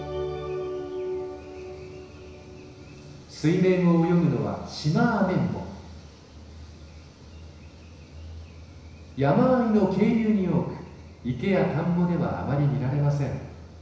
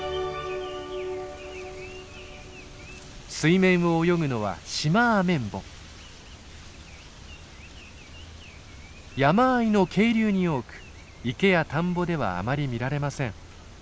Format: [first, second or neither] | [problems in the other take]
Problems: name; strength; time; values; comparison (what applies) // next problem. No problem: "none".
second | room echo; dies away in 1 s